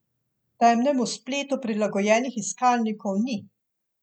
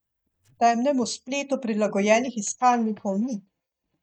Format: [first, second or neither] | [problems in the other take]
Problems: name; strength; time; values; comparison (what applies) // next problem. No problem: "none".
first | noise reduction (neural mask model DeepFilterNet 3)